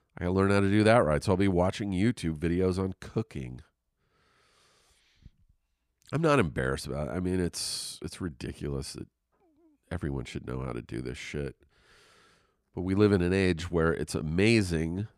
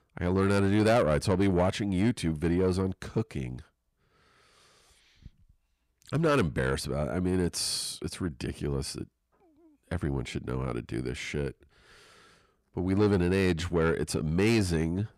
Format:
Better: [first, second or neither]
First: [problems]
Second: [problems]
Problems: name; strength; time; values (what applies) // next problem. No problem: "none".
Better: first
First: none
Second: distortion; slight; 10 dB below the speech